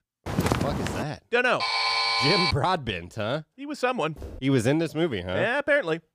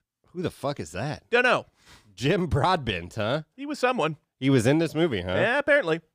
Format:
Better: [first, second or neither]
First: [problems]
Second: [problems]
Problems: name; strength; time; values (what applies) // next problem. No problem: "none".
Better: second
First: footsteps; loud; at 0.5 s; peak level with the speech // alarm; loud; at 1.5 s; peak 5 dB above the speech // footsteps; faint; at 4 s; peak 15 dB below the speech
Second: none